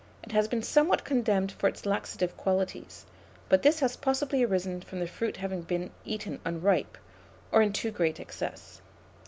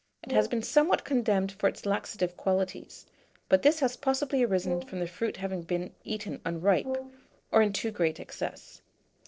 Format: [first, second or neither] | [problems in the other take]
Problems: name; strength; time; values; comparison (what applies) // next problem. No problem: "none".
first | noise reduction (neural separator model SepFormer DNS4)